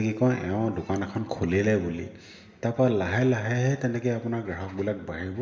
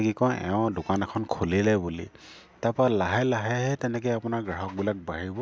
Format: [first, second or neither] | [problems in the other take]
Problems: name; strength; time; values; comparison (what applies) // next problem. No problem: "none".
second | room echo; dies away in 2.4 s